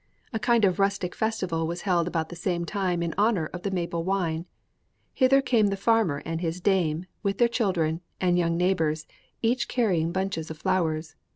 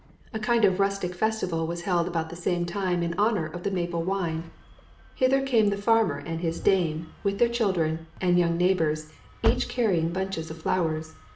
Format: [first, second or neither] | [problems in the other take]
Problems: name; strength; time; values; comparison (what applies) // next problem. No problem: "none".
first | background sound (Engine starting); 14 dB below the speech // room echo; dies away in 0.6 s